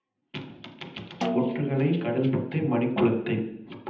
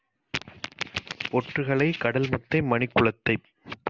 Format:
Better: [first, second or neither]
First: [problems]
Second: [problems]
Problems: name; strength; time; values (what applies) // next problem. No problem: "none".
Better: second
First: background sound (Snare drum); 8 dB below the speech // room echo; dies away in 0.8 s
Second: none